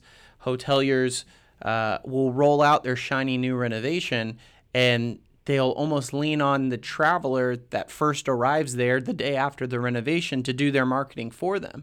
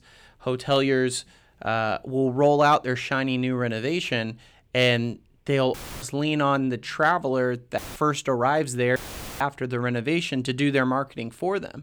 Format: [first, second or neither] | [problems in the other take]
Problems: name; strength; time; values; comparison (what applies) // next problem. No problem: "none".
first | audio cutting out; filled with static; at 5.5 s, at 8 s and at 9 s